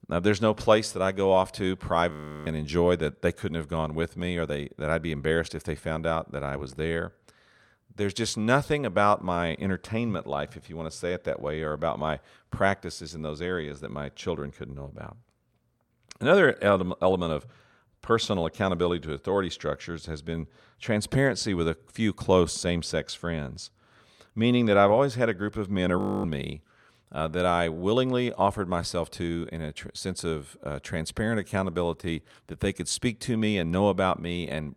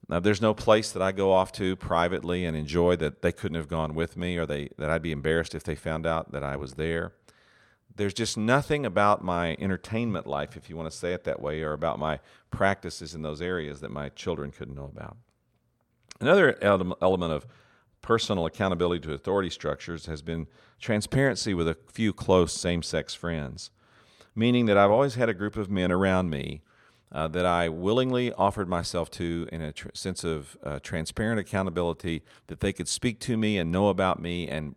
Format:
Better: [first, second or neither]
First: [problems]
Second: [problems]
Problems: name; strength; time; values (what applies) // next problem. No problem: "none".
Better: second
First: audio freezing; at 2 s and at 26 s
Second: none